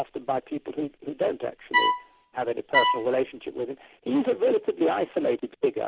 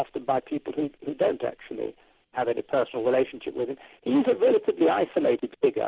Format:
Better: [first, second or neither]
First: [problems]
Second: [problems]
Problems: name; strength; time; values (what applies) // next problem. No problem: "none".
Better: second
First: background sound (Bowed string instrument); 2 dB above the speech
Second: none